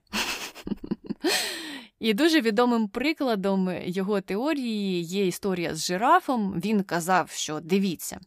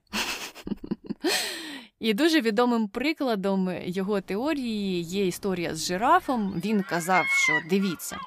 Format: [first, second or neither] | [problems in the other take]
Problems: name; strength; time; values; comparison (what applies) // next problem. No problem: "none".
first | animal sounds; very loud; from 4 s on; 1 dB above the speech